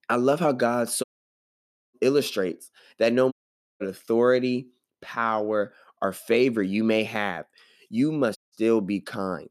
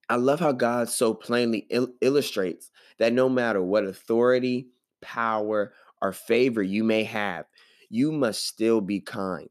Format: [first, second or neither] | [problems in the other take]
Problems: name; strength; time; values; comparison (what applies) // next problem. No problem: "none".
second | audio cutting out; at 1 s for 1 s, at 3.5 s and at 8.5 s